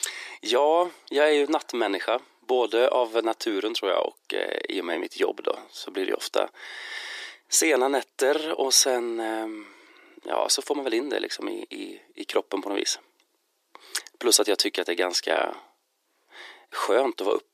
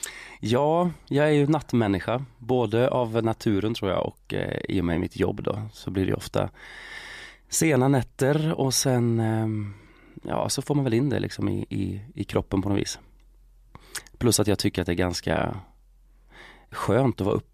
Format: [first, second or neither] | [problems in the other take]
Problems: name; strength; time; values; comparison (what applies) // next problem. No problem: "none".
second | thin; very; fading below 350 Hz